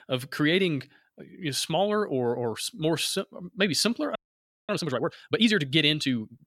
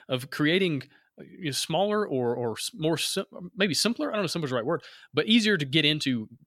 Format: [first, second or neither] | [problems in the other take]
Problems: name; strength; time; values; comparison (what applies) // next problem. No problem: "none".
second | audio freezing; at 4 s for 0.5 s